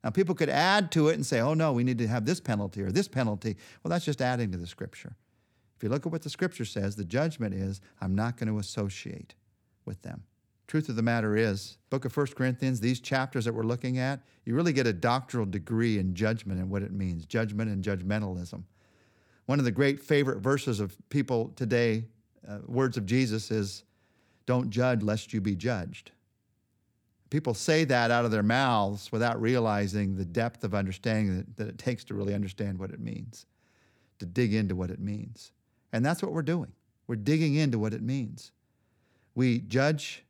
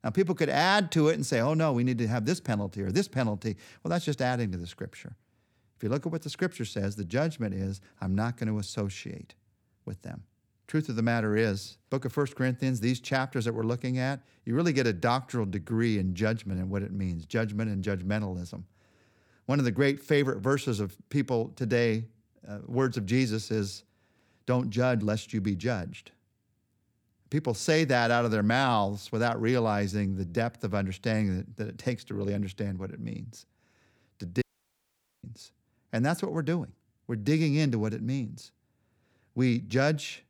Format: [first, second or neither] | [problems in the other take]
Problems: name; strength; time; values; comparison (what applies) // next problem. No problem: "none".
first | audio cutting out; at 34 s for 1 s